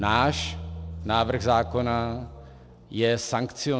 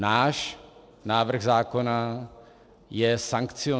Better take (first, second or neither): second